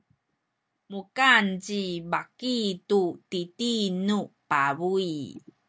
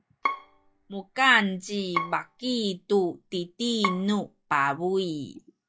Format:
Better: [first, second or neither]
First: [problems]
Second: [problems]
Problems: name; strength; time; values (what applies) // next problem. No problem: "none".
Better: first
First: none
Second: noise reduction (classical method log-MMSE)